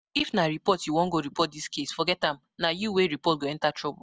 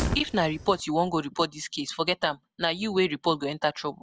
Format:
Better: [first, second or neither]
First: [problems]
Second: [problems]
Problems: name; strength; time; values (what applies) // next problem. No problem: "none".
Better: first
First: none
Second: background sound (Fire); 11 dB below the speech